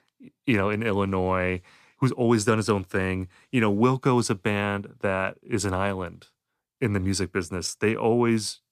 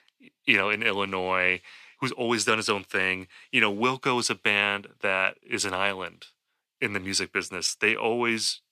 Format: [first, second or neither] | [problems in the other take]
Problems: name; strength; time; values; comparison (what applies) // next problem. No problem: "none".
first | thin; somewhat; fading below 1 kHz